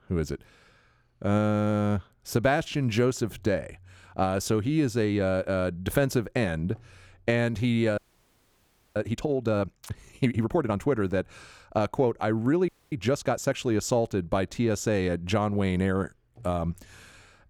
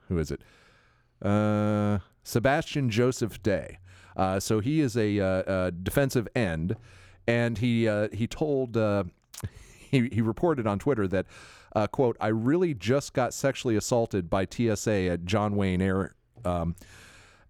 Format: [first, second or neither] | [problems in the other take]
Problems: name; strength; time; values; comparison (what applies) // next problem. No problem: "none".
second | audio freezing; at 8 s for 1 s and at 13 s